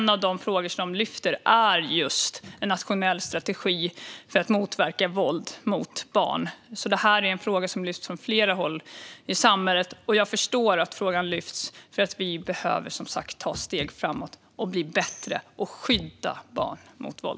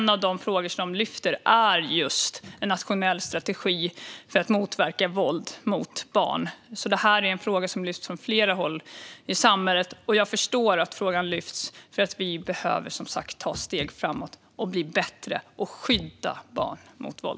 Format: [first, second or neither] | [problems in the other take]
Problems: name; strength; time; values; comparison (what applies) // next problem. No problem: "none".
second | background sound (Tambourine); 19 dB below the speech